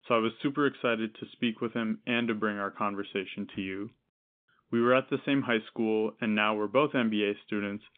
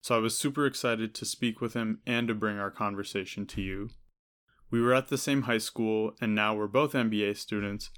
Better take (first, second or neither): second